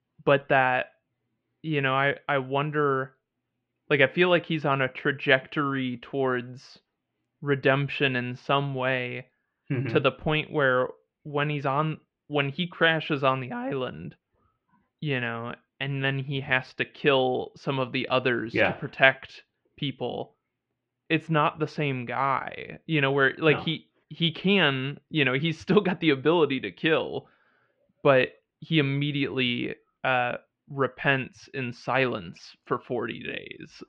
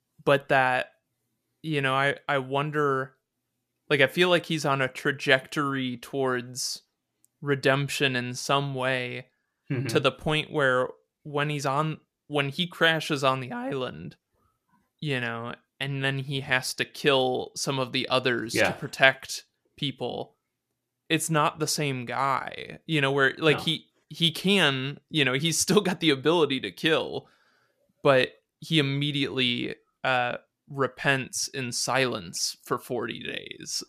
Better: second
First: muffled; very; fading above 3 kHz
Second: none

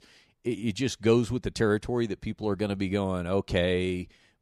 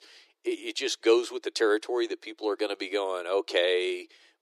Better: first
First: none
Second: thin; very; fading below 300 Hz

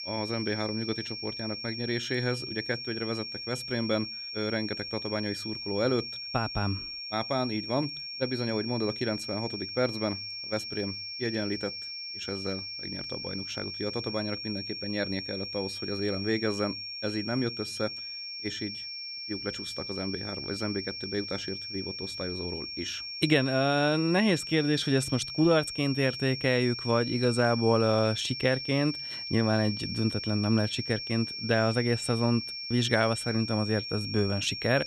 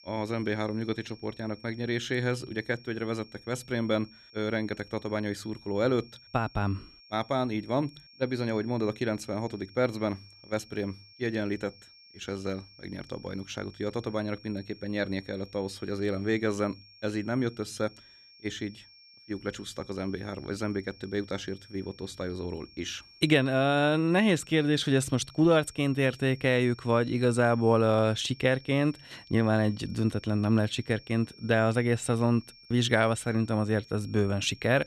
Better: second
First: high-pitched whine; loud; throughout; 5.5 kHz, 5 dB below the speech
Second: high-pitched whine; faint; throughout; 5.5 kHz, 25 dB below the speech

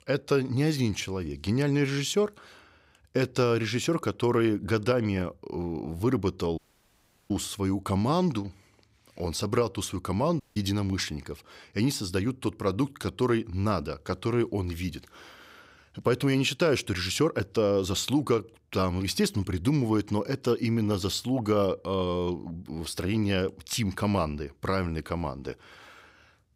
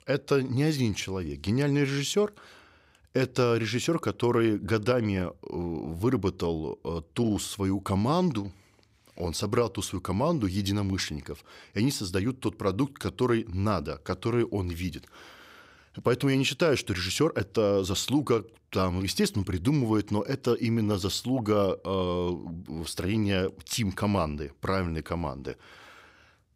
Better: second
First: audio cutting out; at 6.5 s for 0.5 s and at 10 s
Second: none

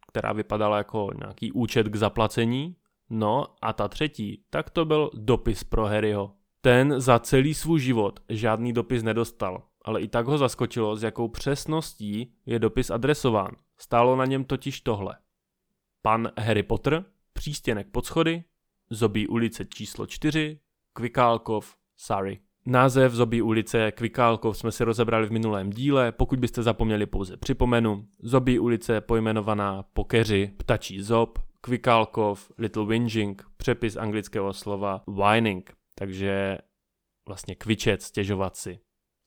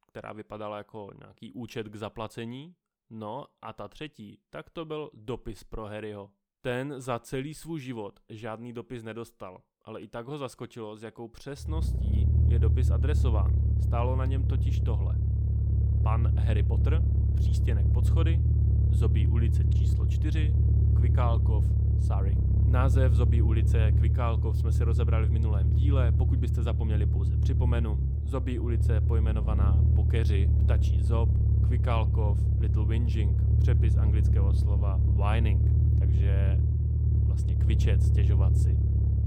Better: first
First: none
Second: low rumble; loud; from 12 s on; 1 dB below the speech

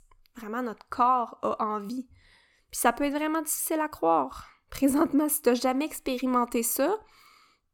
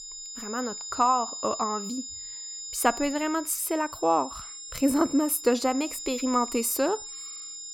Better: first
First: none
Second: high-pitched whine; loud; throughout; 7 kHz, 9 dB below the speech

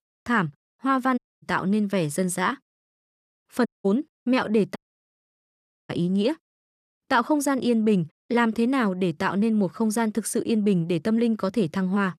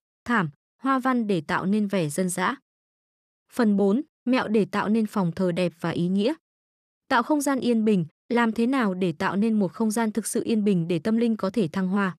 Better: second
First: audio cutting out; at 1 s, at 3.5 s and at 5 s for 1 s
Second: none

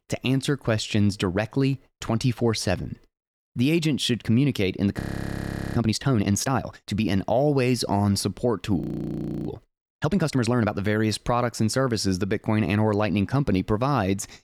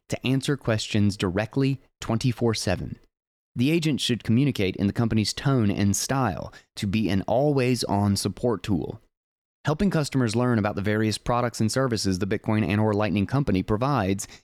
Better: second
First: audio freezing; at 5 s for 1 s and at 9 s for 0.5 s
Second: none

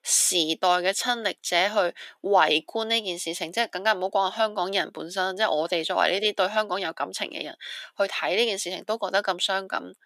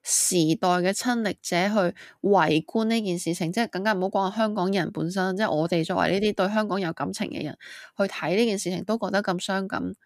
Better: second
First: thin; very; fading below 550 Hz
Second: none

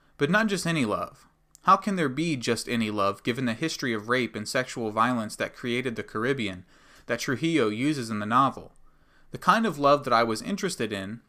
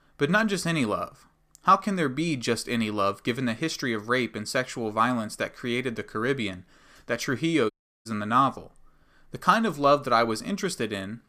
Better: first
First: none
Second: audio cutting out; at 7.5 s

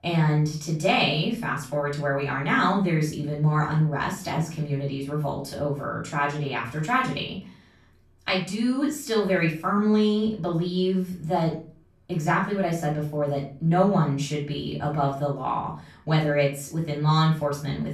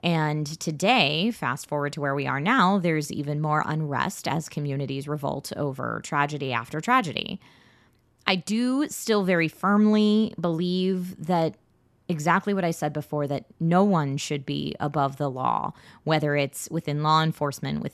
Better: second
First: room echo; slight; dies away in 0.3 s // off-mic speech; far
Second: none

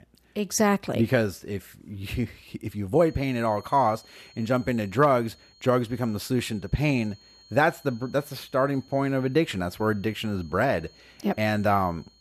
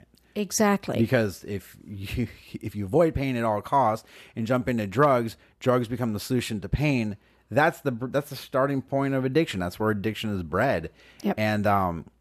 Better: second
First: high-pitched whine; faint; from 3 s on; 4.5 kHz, 30 dB below the speech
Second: none

